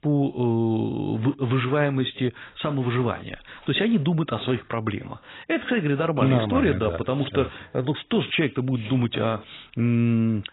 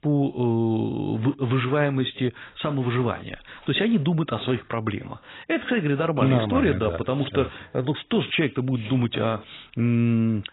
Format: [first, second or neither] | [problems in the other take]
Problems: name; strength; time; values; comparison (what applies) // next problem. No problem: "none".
neither | garbled, watery; badly; nothing above 4 kHz; the same in both